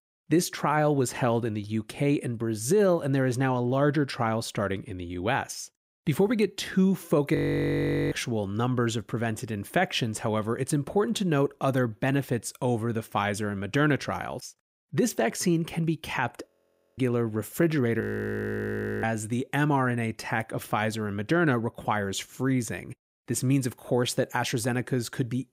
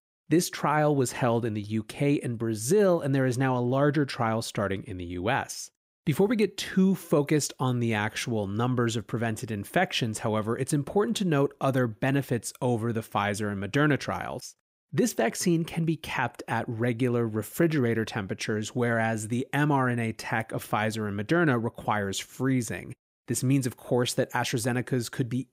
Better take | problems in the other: second | audio freezing; at 7.5 s for 1 s, at 16 s for 0.5 s and at 18 s for 1 s

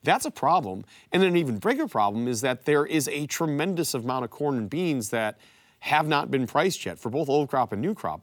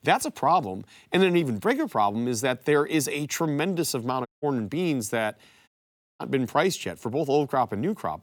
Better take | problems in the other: first | audio cutting out; at 4.5 s and at 5.5 s for 0.5 s

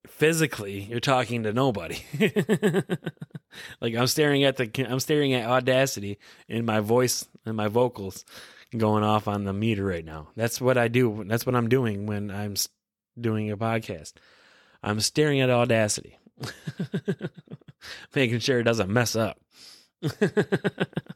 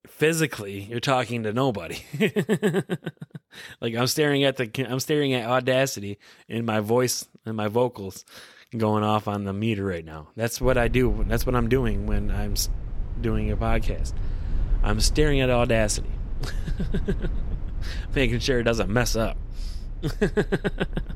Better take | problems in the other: first | low rumble; faint; from 11 s on; 20 dB below the speech

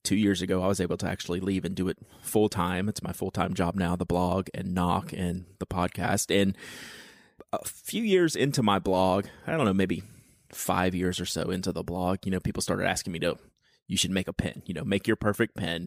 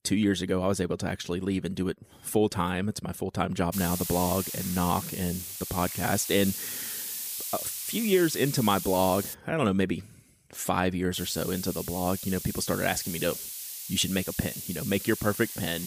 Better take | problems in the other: first | hiss; loud; from 3.5 to 9.5 s and from 11 s on; 6 dB below the speech

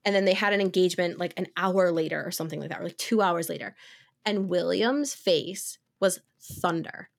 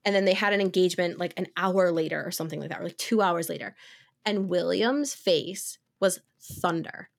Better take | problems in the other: neither | none

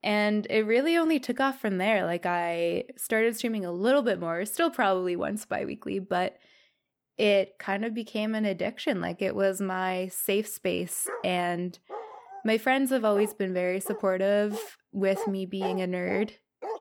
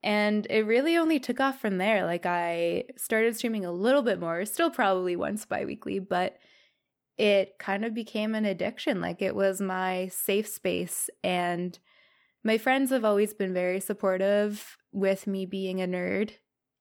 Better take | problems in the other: second | dog barking; noticeable; from 11 s on; peak 8 dB below the speech

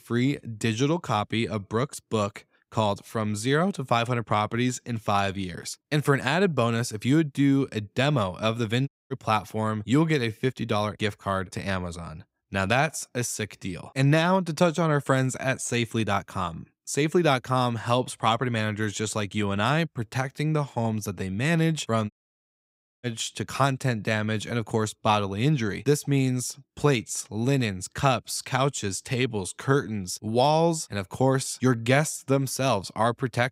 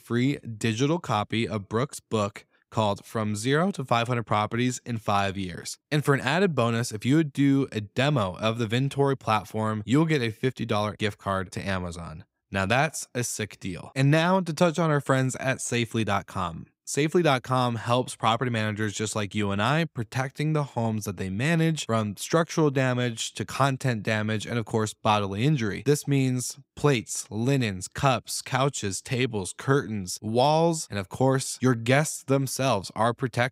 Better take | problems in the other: second | audio cutting out; at 9 s and at 22 s for 1 s

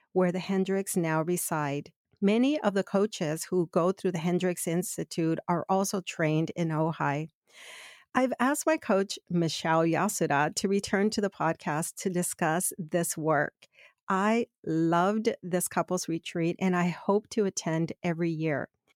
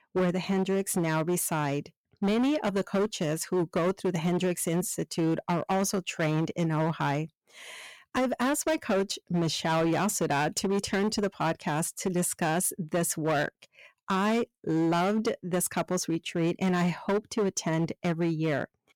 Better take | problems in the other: first | distortion; slight; 14% of the sound clipped

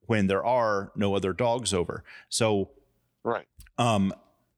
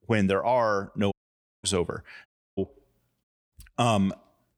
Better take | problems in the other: first | audio cutting out; at 1 s for 0.5 s, at 2.5 s and at 3 s

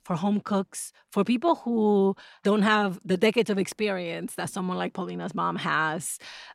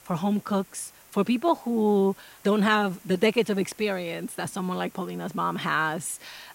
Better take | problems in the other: first | hiss; faint; throughout; 25 dB below the speech

